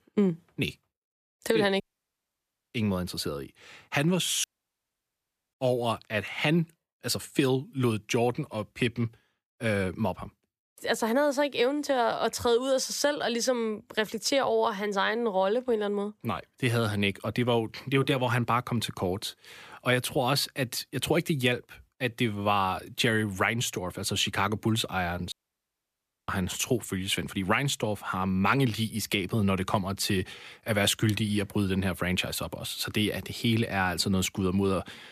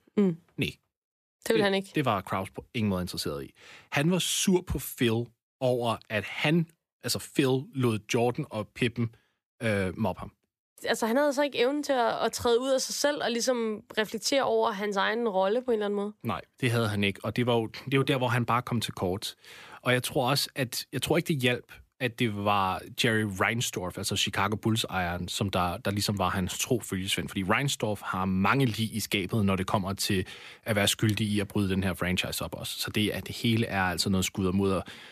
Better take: second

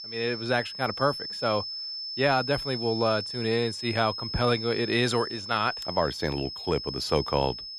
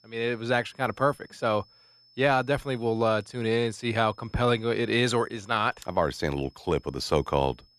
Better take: second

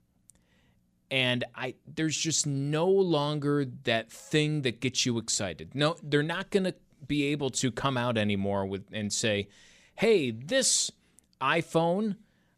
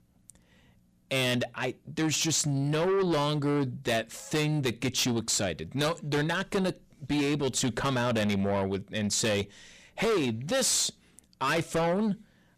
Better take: first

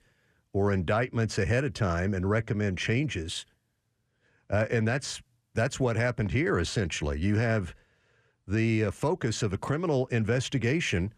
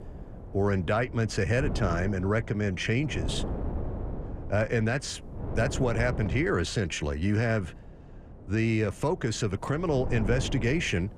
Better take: first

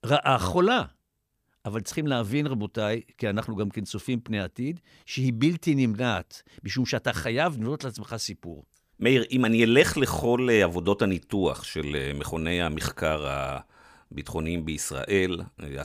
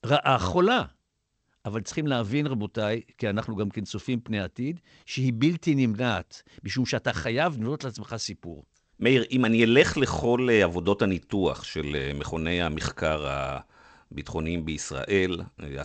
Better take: first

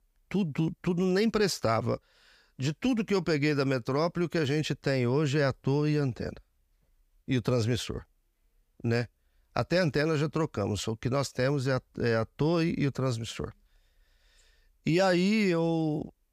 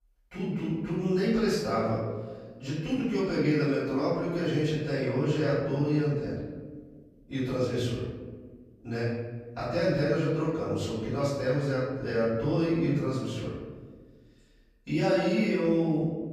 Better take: first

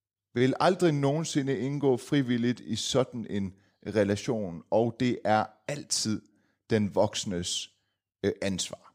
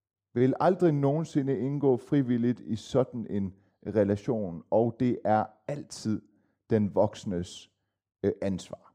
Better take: first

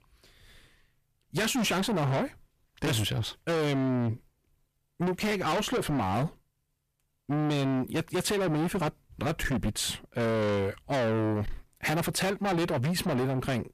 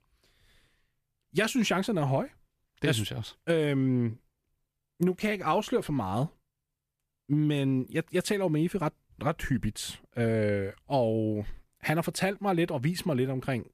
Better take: second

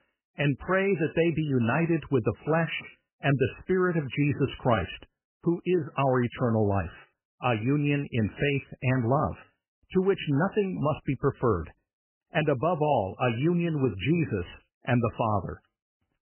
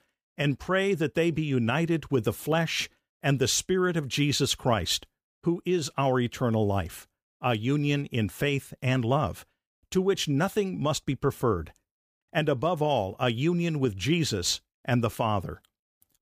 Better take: second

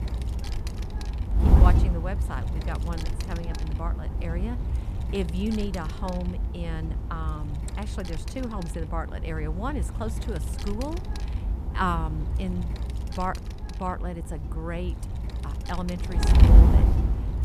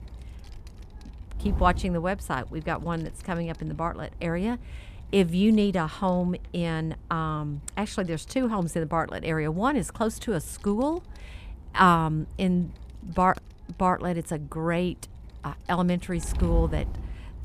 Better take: second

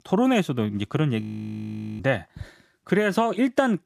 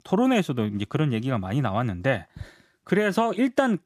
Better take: second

